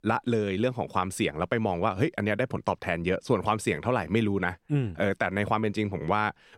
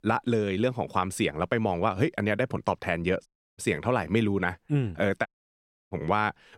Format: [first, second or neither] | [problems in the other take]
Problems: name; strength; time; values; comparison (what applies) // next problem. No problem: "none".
first | audio cutting out; at 3.5 s and at 5.5 s for 0.5 s